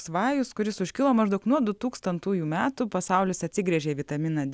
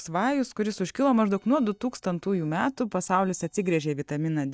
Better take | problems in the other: first | noise reduction (neural mask model DeepFilterNet 3)

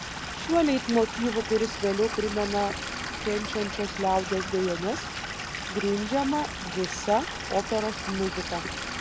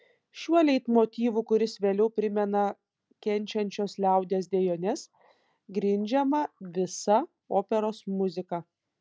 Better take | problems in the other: second | background sound (Stream / Liquid); 6 dB below the speech

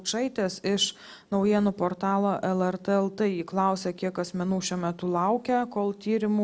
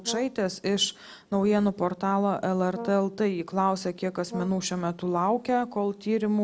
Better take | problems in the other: first | background sound (Brass instrument); 16 dB below the speech

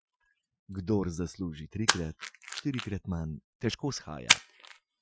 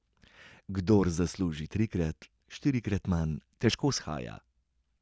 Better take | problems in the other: second | noise reduction (classical method Wiener filter)

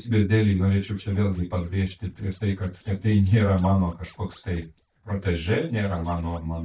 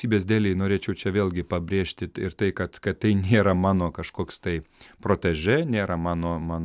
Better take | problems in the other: second | noise reduction (neural mask model DeepFilterNet 3)

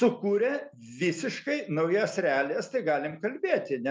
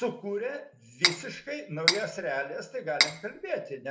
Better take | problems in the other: first | background sound (Cutlery, silverware); 4 dB above the speech // room echo; dies away in 0.4 s

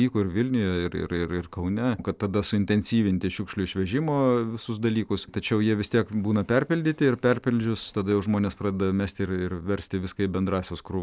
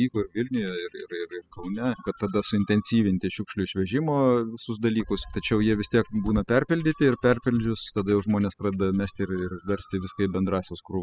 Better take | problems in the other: first | noise reduction (classical method spectral subtraction)

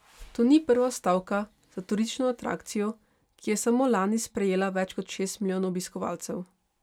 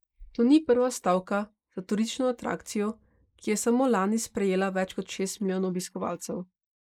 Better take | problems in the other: first | noise reduction (neural mask model Resemble Enhance denoiser)

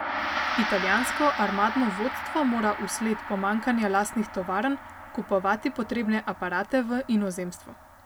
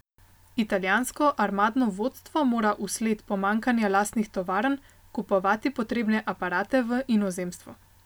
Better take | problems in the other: second | background sound (Gong); 7 dB below the speech

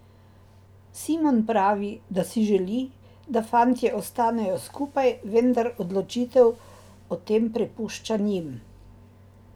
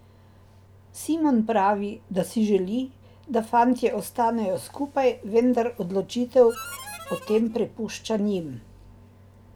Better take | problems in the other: first | background sound (Harmonica); 14 dB below the speech

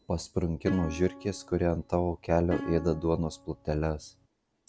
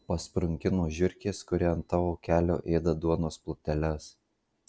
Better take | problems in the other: second | background sound (Plucked string instrument); 12 dB below the speech

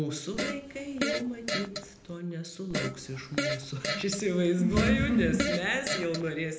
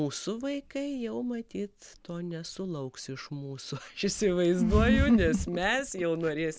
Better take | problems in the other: second | background sound (Fart); 5 dB below the speech // room echo; dies away in 0.8 s

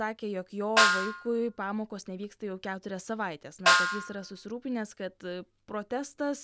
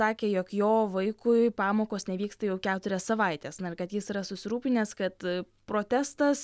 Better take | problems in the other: second | background sound (Snare drum); 5 dB above the speech

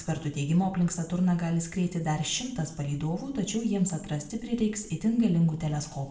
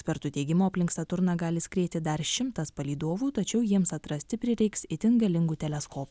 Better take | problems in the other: second | room echo; dies away in 0.5 s

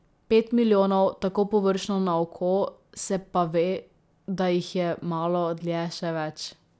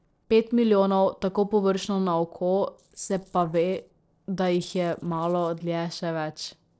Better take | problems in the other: first | noise reduction (neural separator model SepFormer DNS4)

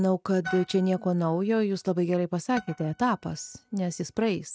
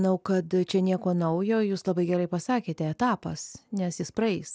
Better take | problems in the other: second | noise reduction (neural mask model RNNoise)

